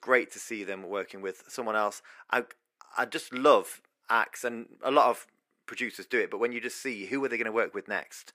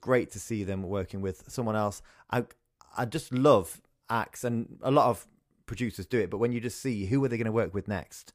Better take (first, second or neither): second